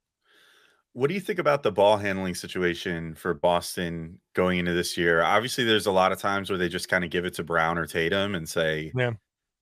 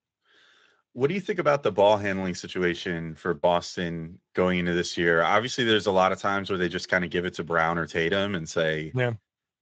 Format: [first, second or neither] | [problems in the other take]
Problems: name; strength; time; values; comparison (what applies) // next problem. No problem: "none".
first | garbled, watery; slightly; nothing above 7.5 kHz